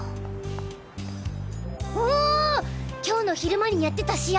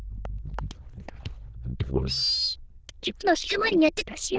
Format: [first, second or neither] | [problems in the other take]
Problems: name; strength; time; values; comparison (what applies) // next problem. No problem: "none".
first | noise reduction (neural diffusion model UNIVERSE++)